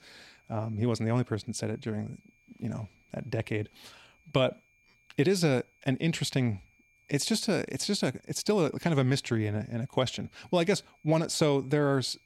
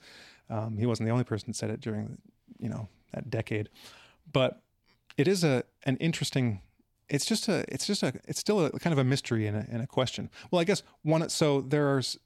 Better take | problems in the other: second | high-pitched whine; faint; throughout; 2.5 kHz, 35 dB below the speech

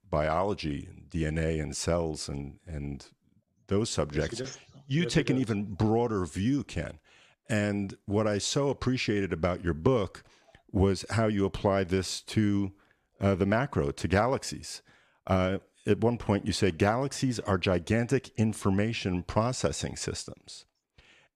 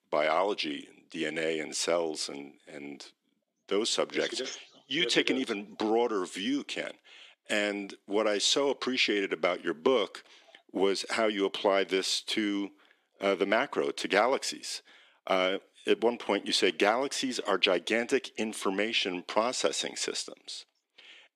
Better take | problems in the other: first | thin; somewhat; fading below 300 Hz

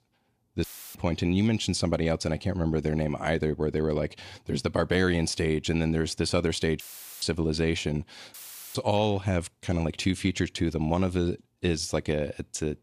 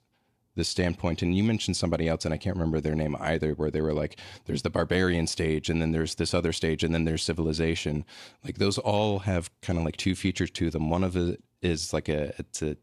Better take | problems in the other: second | audio cutting out; filled with static; at 0.5 s, at 7 s and at 8.5 s

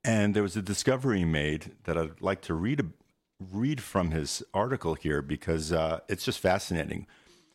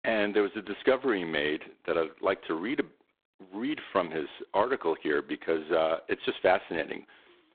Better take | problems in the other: first | phone-call audio; poor line; nothing above 3.5 kHz

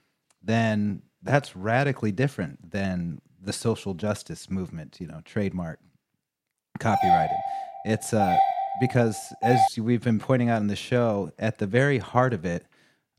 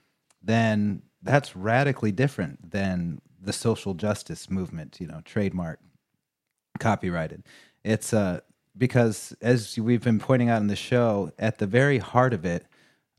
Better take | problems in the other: second | doorbell; loud; from 7 to 9.5 s; peak 5 dB above the speech

